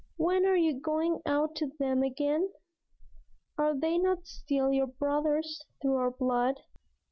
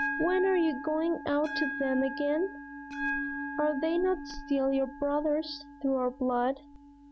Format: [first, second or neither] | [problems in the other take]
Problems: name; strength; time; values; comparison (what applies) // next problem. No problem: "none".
first | background sound (Bell); 8 dB below the speech